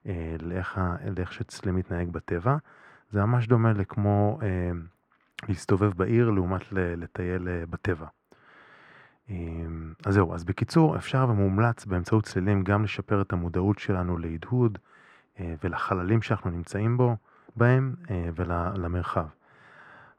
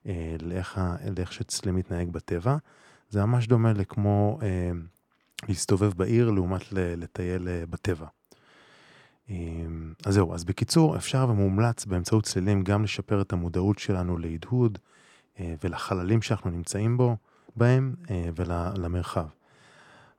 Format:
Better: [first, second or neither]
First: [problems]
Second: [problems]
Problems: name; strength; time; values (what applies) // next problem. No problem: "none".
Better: second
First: muffled; slightly; fading above 3.5 kHz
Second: none